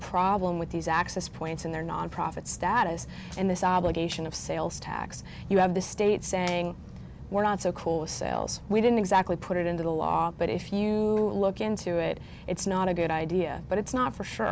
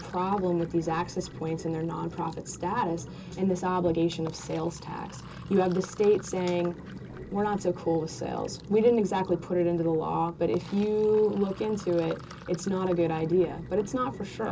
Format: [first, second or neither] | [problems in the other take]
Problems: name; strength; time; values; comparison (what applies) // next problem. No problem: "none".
first | background sound (Sink (filling or washing)); 20 dB below the speech // room echo; dies away in 0.2 s